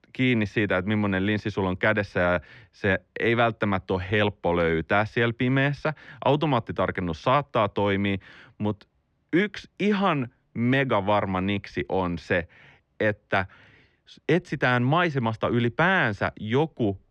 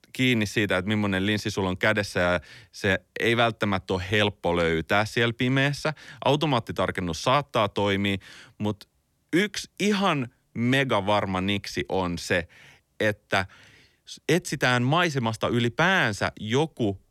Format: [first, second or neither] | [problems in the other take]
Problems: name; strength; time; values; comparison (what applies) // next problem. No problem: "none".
second | muffled; slightly; fading above 2.5 kHz